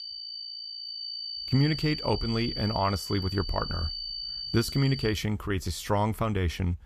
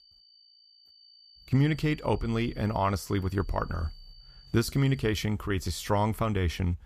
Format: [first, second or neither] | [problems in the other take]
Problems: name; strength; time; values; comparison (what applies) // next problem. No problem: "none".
second | high-pitched whine; loud; until 5 s; 4.5 kHz, 6 dB below the speech; faint in the second